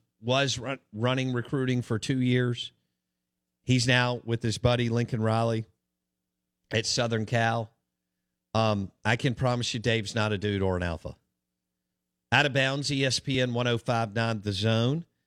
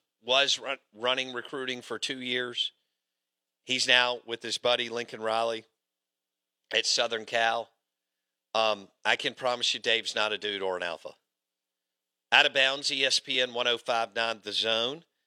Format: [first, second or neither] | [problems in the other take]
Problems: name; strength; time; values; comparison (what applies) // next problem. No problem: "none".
first | thin; very; fading below 550 Hz